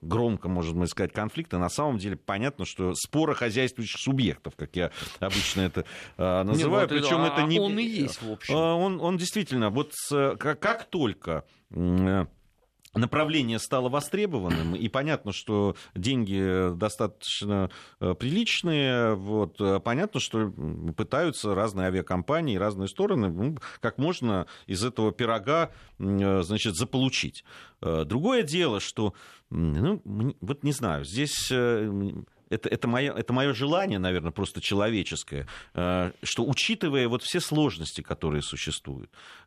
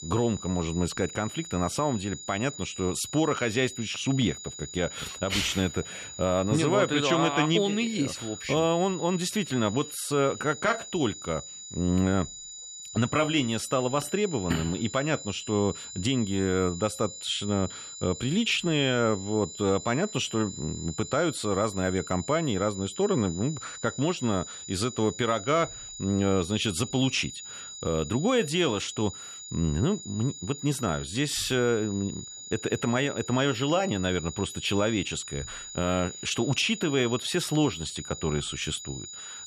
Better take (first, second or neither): first